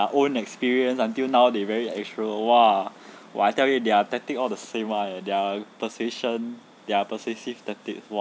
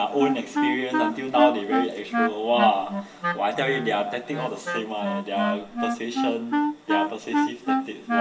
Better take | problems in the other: first | background sound (Wind instrument, woodwind instrument); as loud as the speech // room echo; dies away in 0.7 s

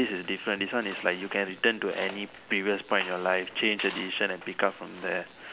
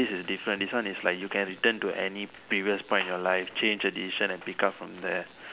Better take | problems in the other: second | background sound (Tools); 18 dB below the speech

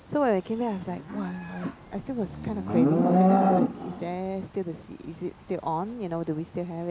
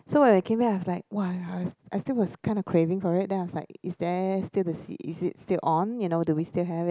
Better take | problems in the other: second | background sound (Livestock, farm animals, working animals); 2 dB above the speech

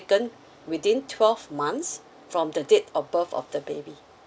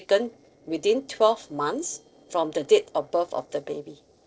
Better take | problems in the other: first | noise reduction (neural separator model SepFormer DNS4)

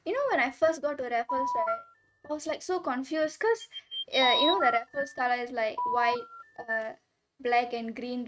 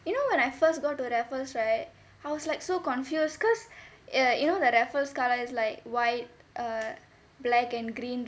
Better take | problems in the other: second | noise reduction (neural mask model RNNoise)

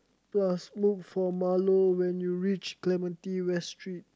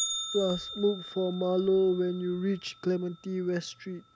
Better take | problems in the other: first | background sound (Bell); 11 dB below the speech

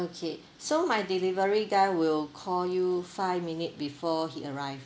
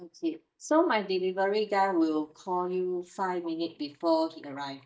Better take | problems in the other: first | noise reduction (neural mask model DeepFilterNet 3)

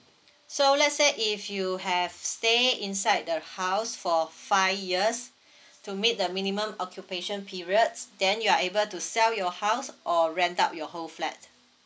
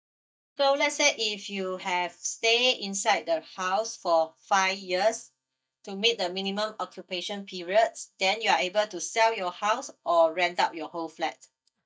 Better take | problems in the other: first | noise reduction (neural mask model DeepFilterNet 3)

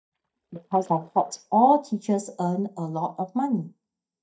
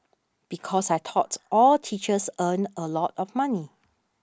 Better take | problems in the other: second | noise reduction (neural mask model DeepFilterNet 3)

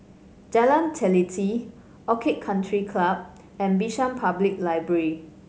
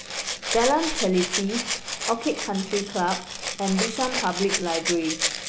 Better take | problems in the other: first | background sound (Rattle (instrument)); 3 dB below the speech

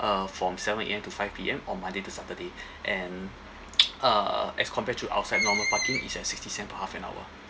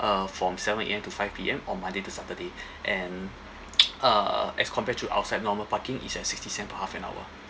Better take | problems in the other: second | background sound (Screech); 2 dB below the speech

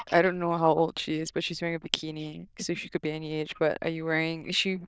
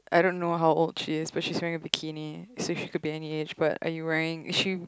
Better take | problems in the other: second | noise reduction (neural diffusion model UNIVERSE++)

